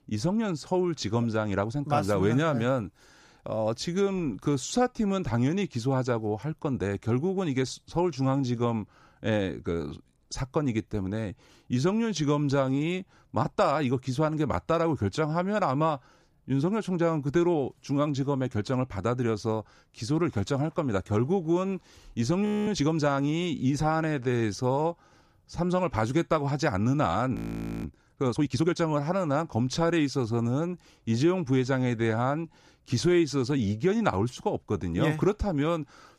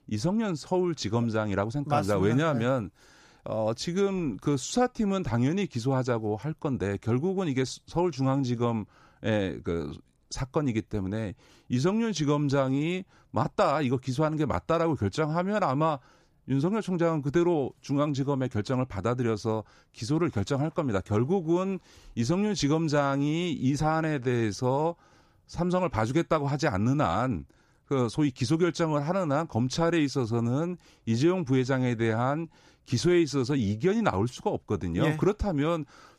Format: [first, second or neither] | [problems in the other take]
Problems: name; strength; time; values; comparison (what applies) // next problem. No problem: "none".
second | audio freezing; at 22 s and at 27 s